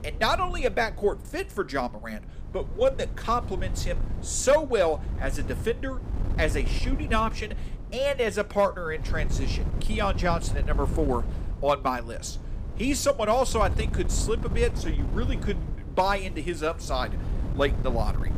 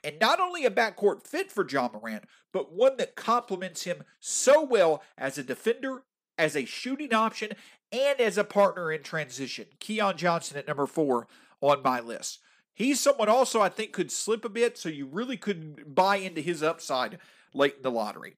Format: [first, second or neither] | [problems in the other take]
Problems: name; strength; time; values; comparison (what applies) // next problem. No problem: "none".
second | wind noise on the microphone; occasional gusts; 15 dB below the speech